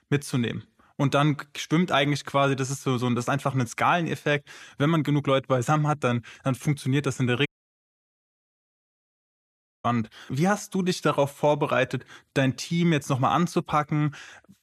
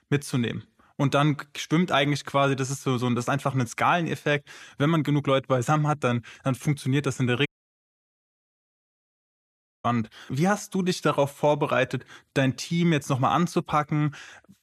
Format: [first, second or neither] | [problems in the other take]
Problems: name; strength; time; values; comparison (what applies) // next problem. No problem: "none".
neither | audio cutting out; at 7.5 s for 2.5 s; the same in both